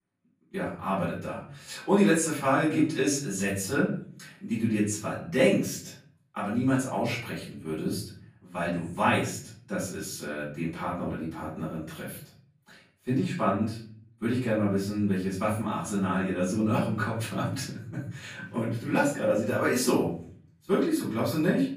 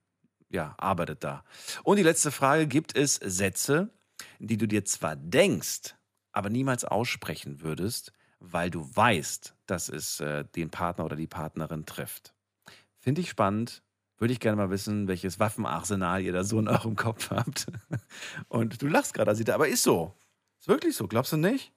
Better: second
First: room echo; noticeable; dies away in 0.6 s // off-mic speech; far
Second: none

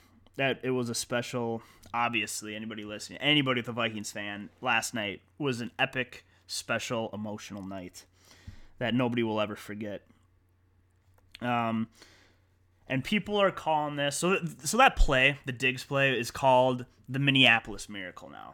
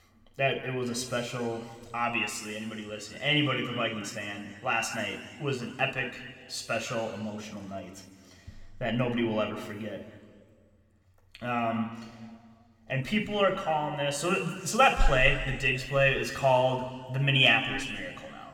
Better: first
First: none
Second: room echo; slight; dies away in 1.8 s

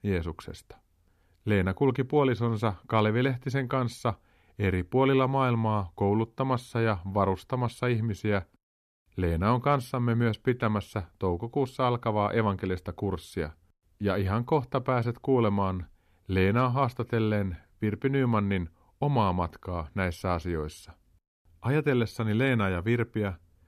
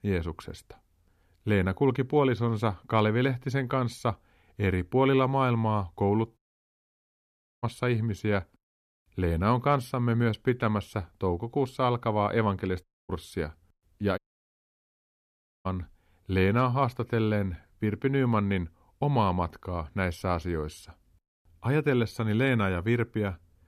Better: first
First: none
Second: audio cutting out; at 6.5 s for 1 s, at 13 s and at 14 s for 1.5 s

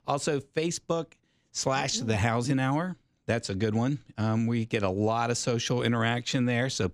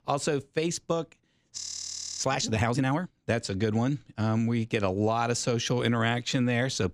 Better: first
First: none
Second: audio freezing; at 1.5 s for 0.5 s

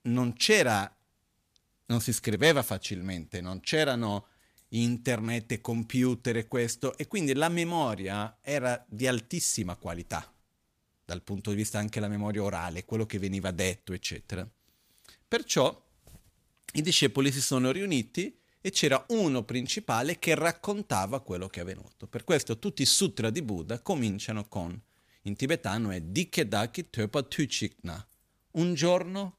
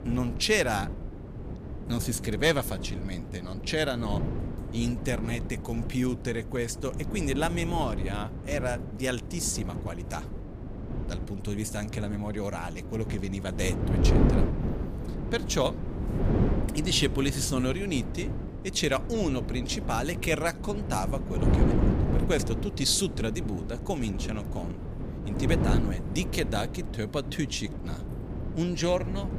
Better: first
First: none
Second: wind noise on the microphone; heavy; 8 dB below the speech

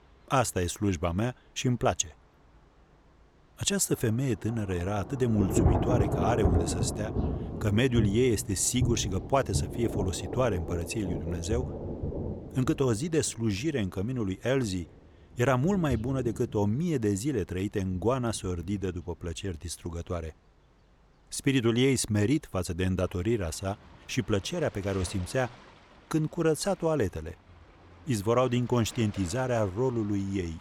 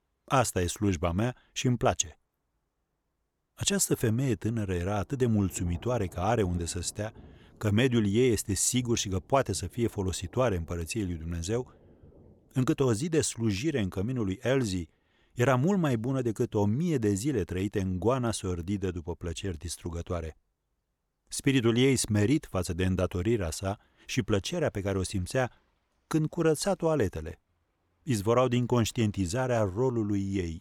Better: second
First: rain or running water; loud; throughout; 5 dB below the speech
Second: rain or running water; faint; throughout; 25 dB below the speech

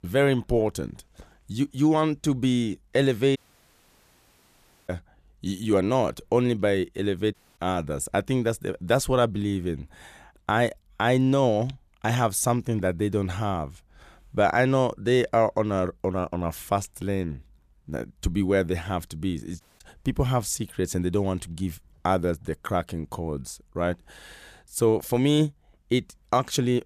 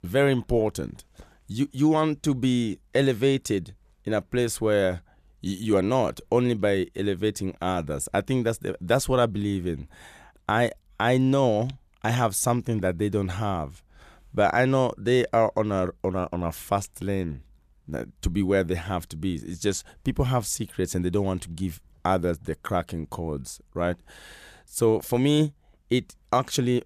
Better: second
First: audio cutting out; at 3.5 s for 1.5 s, at 7.5 s and at 20 s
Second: none

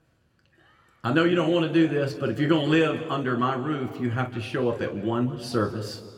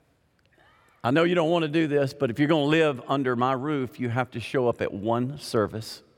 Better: second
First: room echo; slight; dies away in 1.5 s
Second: none

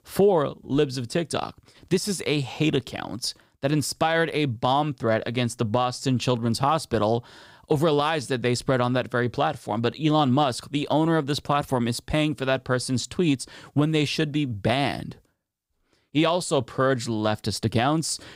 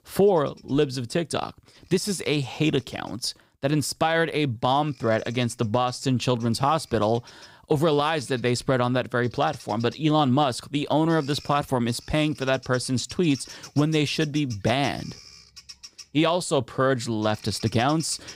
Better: first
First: none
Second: animal sounds; faint; throughout; 20 dB below the speech

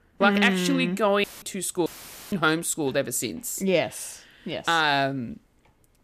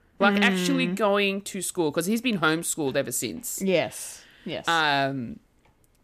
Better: second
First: audio cutting out; filled with static; at 1 s and at 2 s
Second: none

